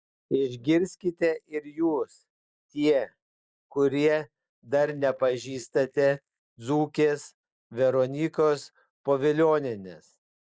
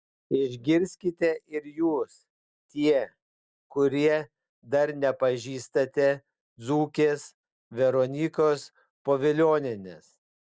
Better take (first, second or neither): second